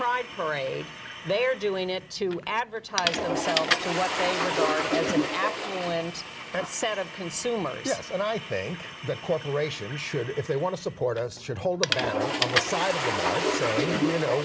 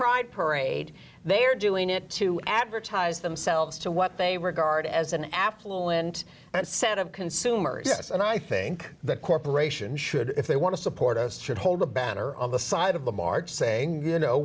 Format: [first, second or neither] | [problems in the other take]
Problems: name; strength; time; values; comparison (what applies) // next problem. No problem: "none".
second | background sound (Toilet flush / Water); 2 dB below the speech